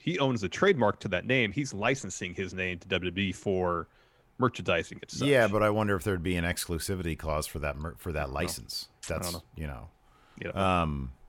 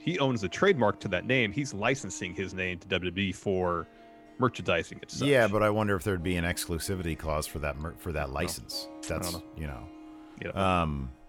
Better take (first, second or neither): first